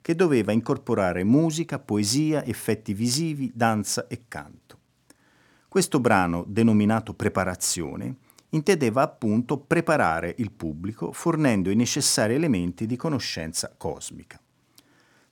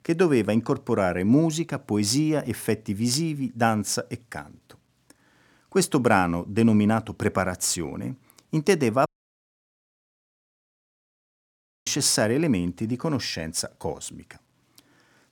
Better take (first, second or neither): first